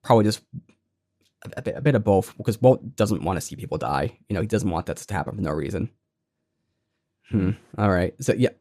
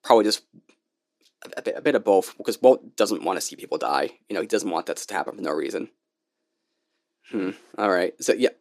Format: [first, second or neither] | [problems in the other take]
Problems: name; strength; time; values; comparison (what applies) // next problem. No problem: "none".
first | thin; somewhat; fading below 300 Hz